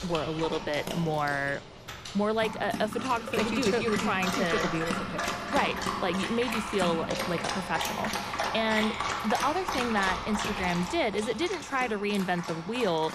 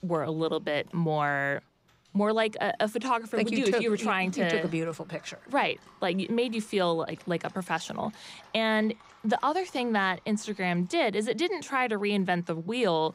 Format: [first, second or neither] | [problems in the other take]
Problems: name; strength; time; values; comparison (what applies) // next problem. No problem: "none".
second | animal sounds; loud; throughout; 3 dB below the speech; faint in the second